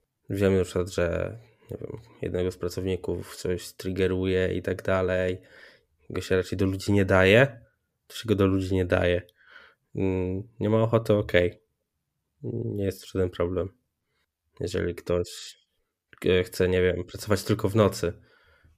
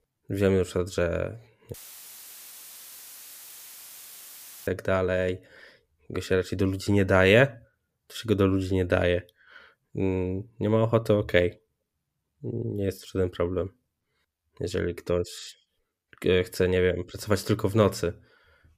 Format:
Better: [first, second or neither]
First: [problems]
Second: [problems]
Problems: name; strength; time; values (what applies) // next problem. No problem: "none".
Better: first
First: none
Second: audio cutting out; filled with static; at 1.5 s for 3 s